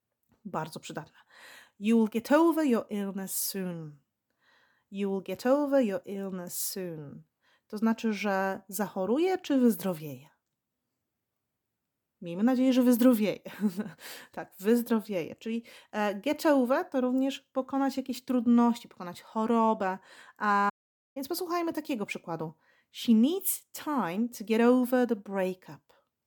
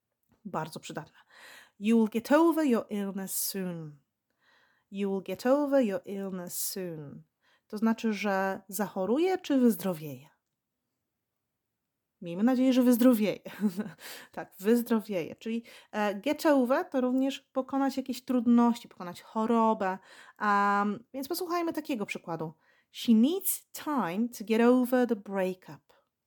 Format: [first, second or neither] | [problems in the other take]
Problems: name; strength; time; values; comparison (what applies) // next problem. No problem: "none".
second | audio cutting out; at 21 s